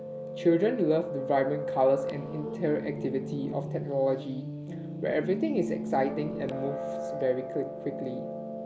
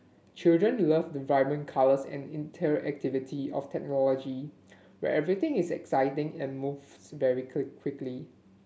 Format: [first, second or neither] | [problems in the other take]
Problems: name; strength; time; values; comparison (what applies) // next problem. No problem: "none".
second | background sound (Piano); 5 dB below the speech